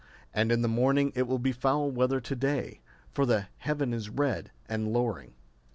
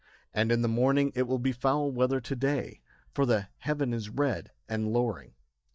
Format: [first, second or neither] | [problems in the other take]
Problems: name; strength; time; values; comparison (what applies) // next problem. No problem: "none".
first | noise reduction (neural mask model DeepFilterNet 3)